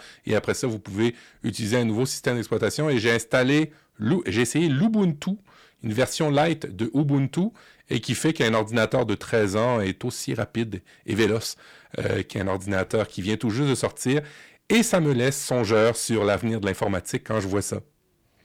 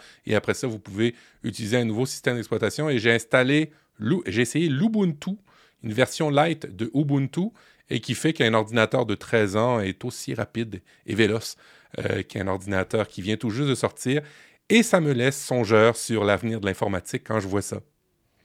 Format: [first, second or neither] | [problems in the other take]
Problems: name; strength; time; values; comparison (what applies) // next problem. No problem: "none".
second | distortion; slight; 10 dB below the speech